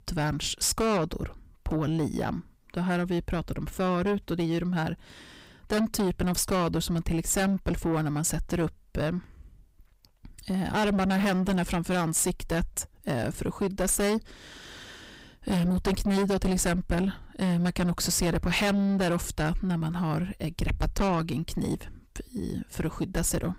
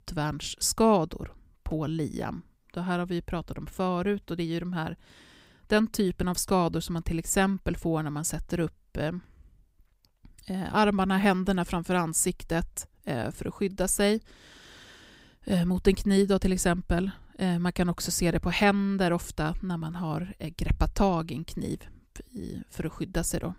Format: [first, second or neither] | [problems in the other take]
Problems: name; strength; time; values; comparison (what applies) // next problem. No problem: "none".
second | distortion; heavy; 6 dB below the speech